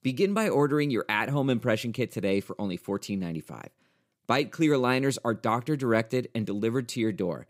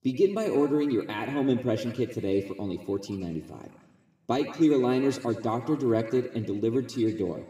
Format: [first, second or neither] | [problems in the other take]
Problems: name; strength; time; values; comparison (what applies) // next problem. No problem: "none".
first | room echo; slight; dies away in 1.3 s // off-mic speech; somewhat distant